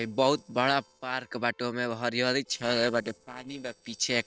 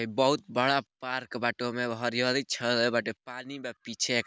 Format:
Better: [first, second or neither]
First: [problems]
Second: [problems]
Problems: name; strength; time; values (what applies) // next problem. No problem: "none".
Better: second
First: noise reduction (neural separator model SepFormer DNS4)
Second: none